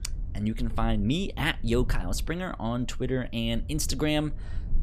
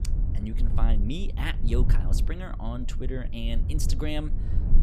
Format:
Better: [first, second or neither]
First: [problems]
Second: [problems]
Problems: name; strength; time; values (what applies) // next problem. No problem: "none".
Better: first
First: low rumble; faint; throughout; 25 dB below the speech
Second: low rumble; loud; throughout; 9 dB below the speech